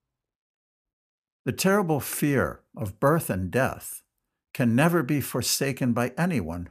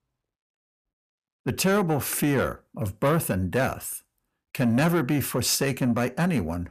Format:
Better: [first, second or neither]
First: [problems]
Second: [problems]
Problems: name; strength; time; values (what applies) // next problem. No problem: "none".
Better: first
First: none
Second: distortion; slight; 10 dB below the speech